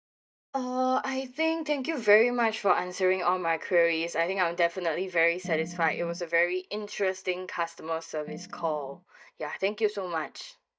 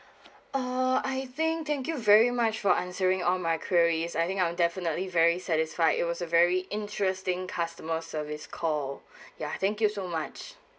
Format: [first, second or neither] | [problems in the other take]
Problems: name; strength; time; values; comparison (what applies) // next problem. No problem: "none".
second | noise reduction (neural mask model DeepFilterNet 3)